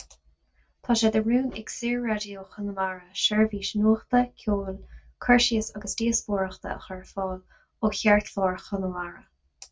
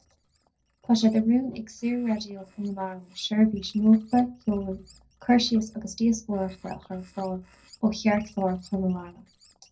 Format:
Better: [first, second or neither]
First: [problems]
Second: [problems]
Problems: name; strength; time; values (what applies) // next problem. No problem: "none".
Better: first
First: none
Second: noise reduction (neural separator model SepFormer DNS4)